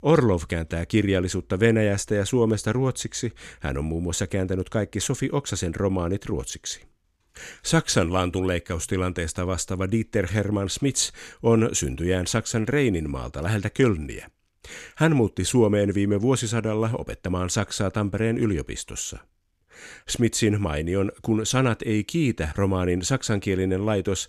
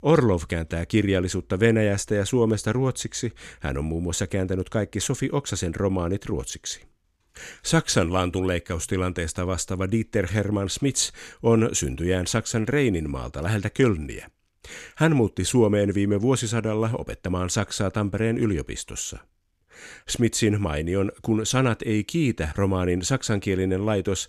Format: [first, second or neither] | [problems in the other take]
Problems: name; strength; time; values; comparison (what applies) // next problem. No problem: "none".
neither | none